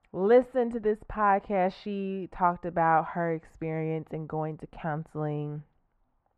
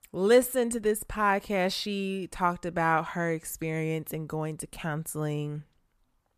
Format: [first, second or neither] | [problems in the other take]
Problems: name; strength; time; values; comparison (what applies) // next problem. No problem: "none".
second | muffled; very; fading above 1.5 kHz